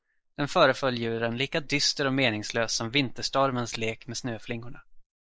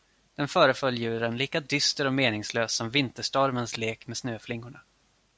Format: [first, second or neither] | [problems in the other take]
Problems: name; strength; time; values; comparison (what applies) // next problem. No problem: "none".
second | noise reduction (neural mask model Resemble Enhance denoiser)